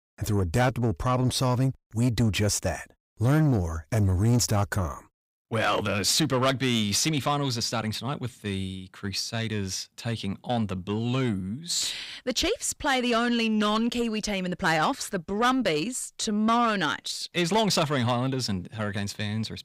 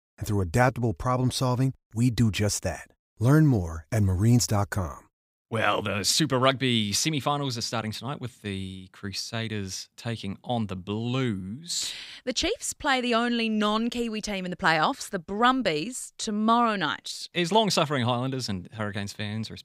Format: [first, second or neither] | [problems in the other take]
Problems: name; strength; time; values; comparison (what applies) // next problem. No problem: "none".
second | distortion; slight; 10 dB below the speech